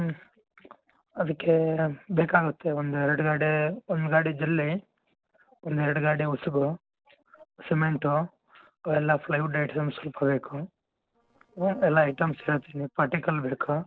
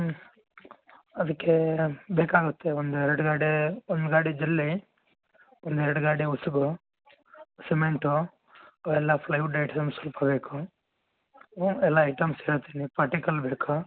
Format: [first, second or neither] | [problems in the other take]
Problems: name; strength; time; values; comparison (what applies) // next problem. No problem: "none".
second | noise reduction (neural separator model SepFormer DNS4)